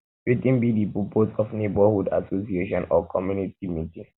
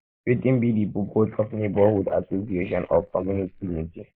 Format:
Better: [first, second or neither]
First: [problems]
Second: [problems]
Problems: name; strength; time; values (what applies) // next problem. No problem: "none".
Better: first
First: none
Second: noise reduction (neural mask model Resemble Enhance denoiser)